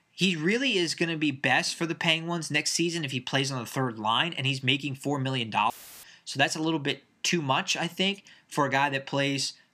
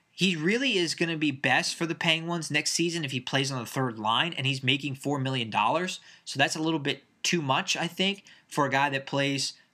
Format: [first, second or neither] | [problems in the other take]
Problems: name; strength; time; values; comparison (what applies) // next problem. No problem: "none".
second | audio cutting out; filled with static; at 5.5 s